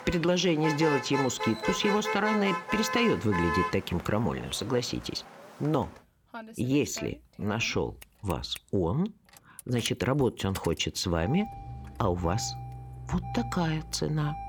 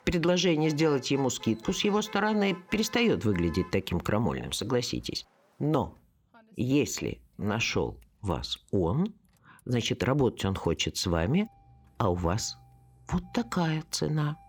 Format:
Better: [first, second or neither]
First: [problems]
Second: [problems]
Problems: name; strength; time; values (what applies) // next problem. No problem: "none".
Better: second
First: traffic noise; loud; throughout; 7 dB below the speech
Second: traffic noise; faint; throughout; 25 dB below the speech